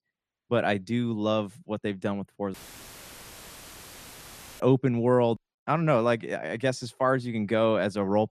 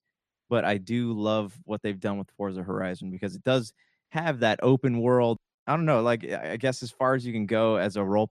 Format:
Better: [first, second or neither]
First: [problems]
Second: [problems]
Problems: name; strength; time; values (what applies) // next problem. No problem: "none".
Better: second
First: audio cutting out; filled with static; at 2.5 s for 2 s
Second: none